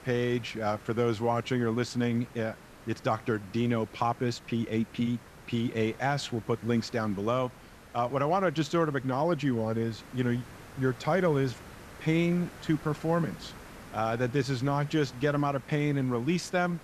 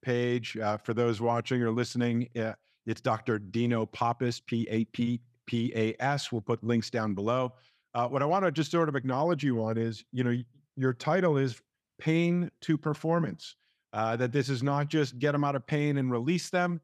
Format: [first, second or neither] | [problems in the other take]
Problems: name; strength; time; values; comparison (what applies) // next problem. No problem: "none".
second | hiss; noticeable; throughout; 20 dB below the speech